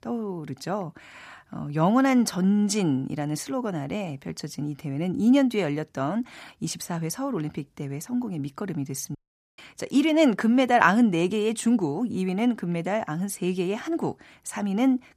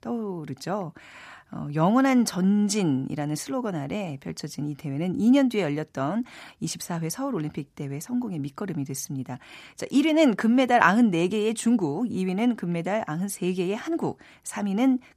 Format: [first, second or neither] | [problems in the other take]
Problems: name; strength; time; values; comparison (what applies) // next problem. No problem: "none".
second | audio cutting out; at 9 s